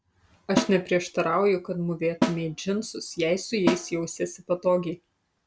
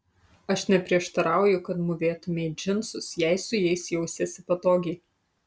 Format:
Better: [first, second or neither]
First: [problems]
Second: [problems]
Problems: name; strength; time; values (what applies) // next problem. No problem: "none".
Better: second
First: background sound (Snare drum); 5 dB below the speech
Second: none